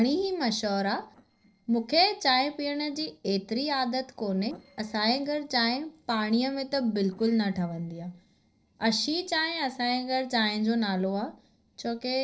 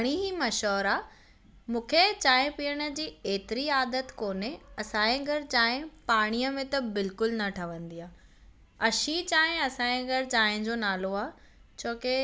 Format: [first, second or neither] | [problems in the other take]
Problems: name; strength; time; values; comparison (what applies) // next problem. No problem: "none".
second | noise reduction (neural separator model SepFormer DNS4)